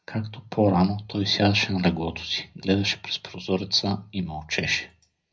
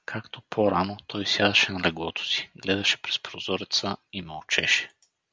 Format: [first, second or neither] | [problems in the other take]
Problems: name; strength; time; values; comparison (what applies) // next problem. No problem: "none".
second | room echo; dies away in 0.5 s